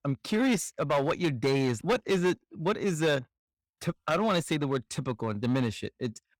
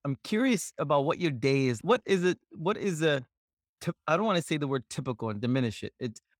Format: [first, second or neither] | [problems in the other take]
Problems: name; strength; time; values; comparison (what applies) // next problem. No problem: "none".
second | distortion; slight; 6% of the sound clipped